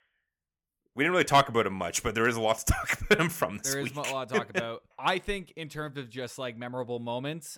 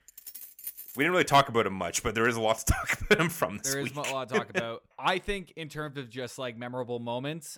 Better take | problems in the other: first | jangling keys; faint; until 1.5 s; peak 10 dB below the speech

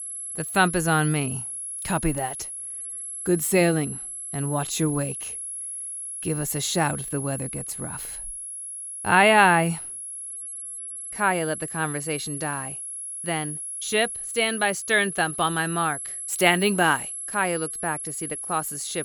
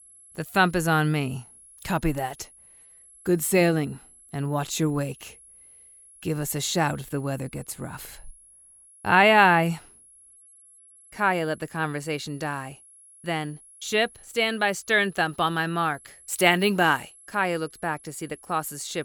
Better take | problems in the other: second | high-pitched whine; loud; throughout; 11 kHz, 7 dB below the speech; faint in the second

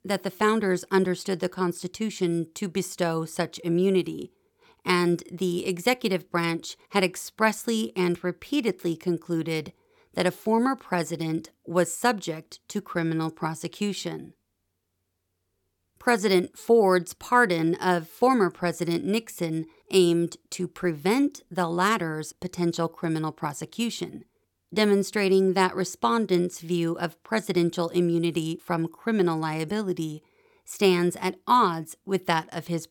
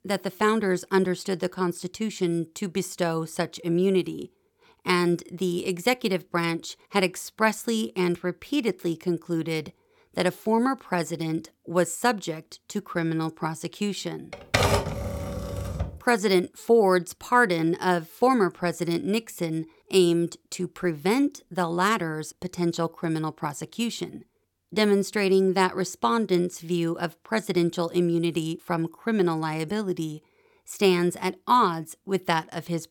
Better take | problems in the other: first | keyboard typing; loud; from 14 to 16 s; peak 4 dB above the speech

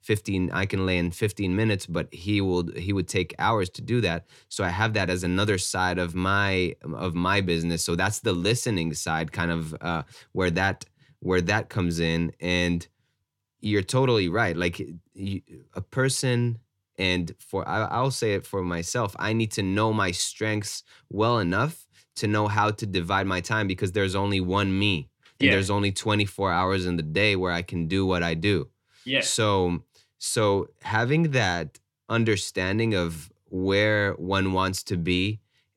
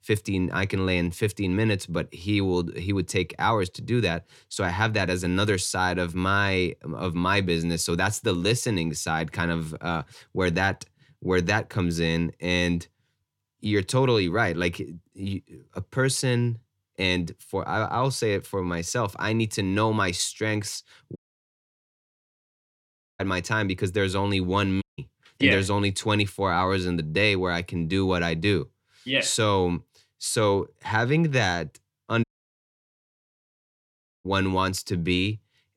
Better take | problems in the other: first | audio cutting out; at 21 s for 2 s, at 25 s and at 32 s for 2 s

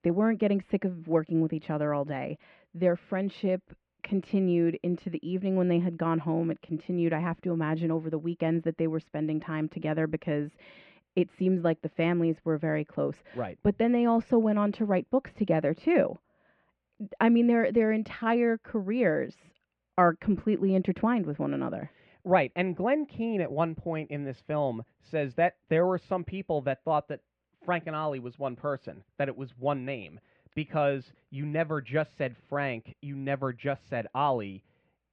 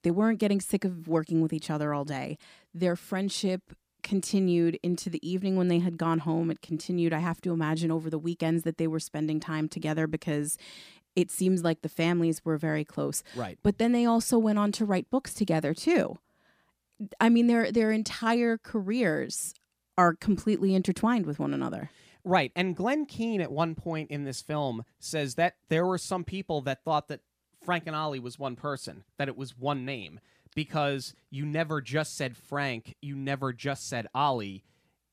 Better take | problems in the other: second | muffled; very; fading above 2.5 kHz

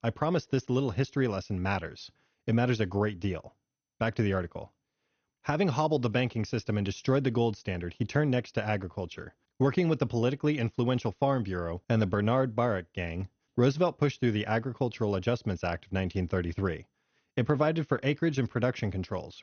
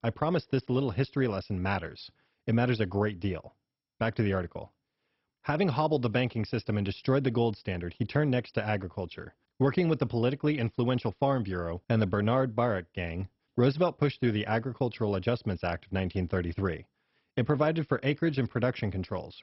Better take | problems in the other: first | garbled, watery; badly; nothing above 5.5 kHz; slightly in the first

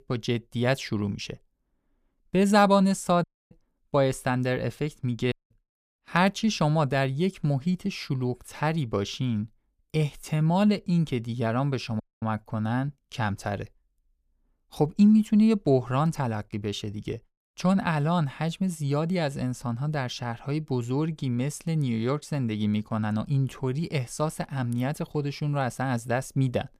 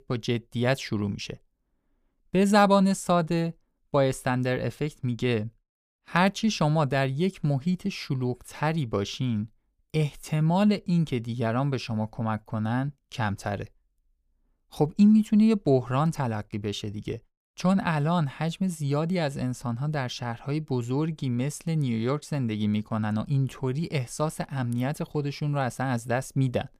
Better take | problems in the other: second | audio cutting out; at 3 s, at 5.5 s and at 12 s

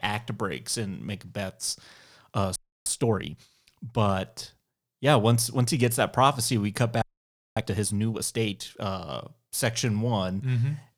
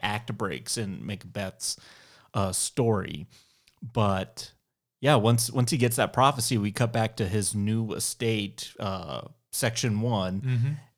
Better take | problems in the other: second | audio freezing; at 2.5 s and at 7 s for 0.5 s

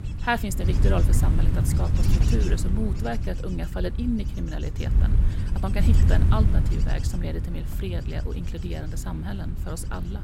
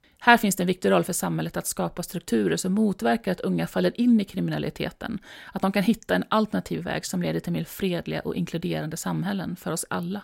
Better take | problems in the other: second | wind noise on the microphone; heavy; 5 dB below the speech

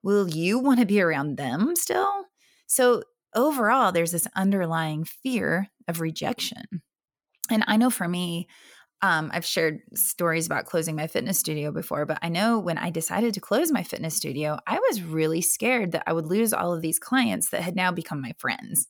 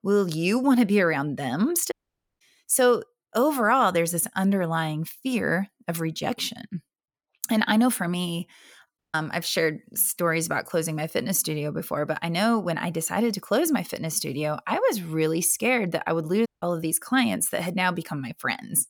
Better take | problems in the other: first | audio cutting out; at 2 s, at 9 s and at 16 s

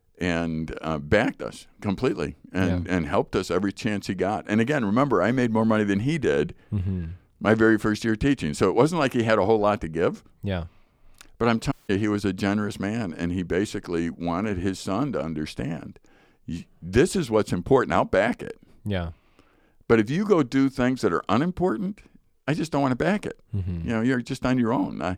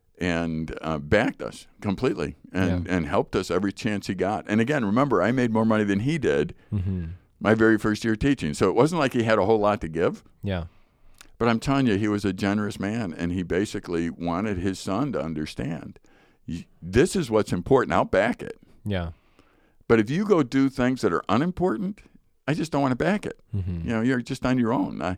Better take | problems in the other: second | audio cutting out; at 12 s

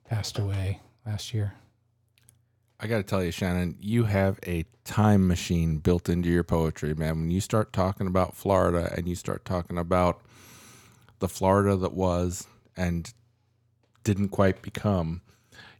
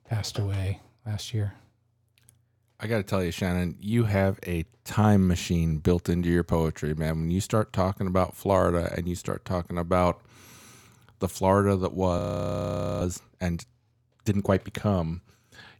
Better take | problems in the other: first | audio freezing; at 12 s for 1 s

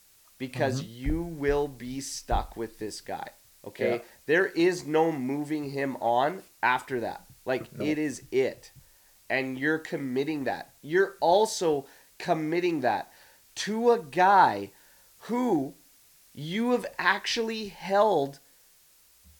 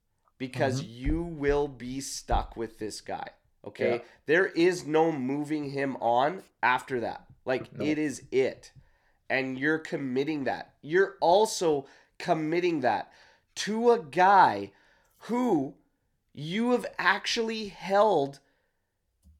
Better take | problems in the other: second | hiss; faint; throughout; 30 dB below the speech

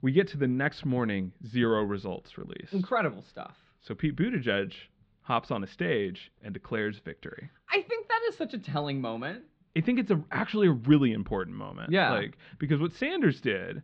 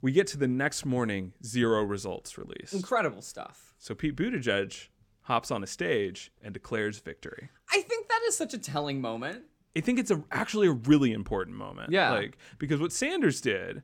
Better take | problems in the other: second | muffled; slightly; fading above 4 kHz

